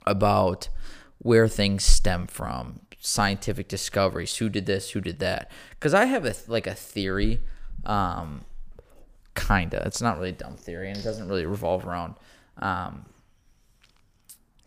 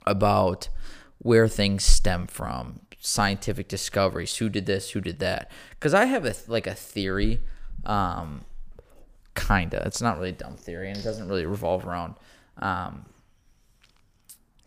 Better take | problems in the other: neither | none

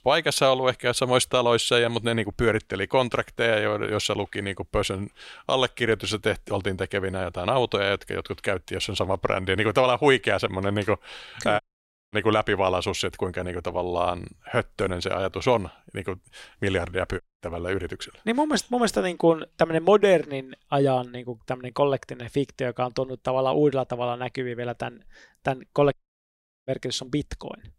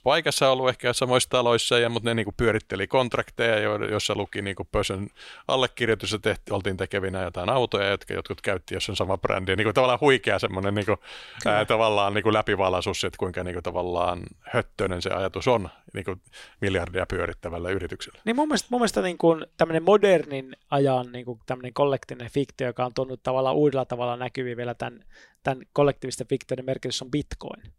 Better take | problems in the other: second | audio cutting out; at 12 s for 0.5 s, at 17 s and at 26 s for 0.5 s

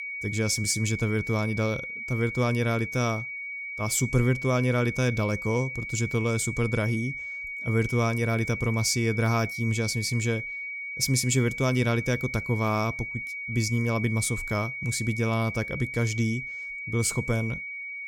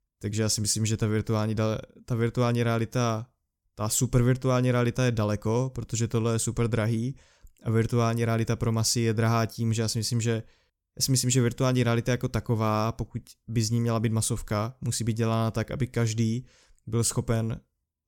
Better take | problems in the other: second | high-pitched whine; loud; throughout; 2.5 kHz, 6 dB below the speech

